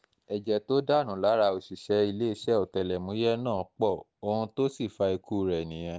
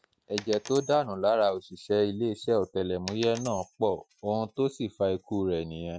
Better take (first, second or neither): first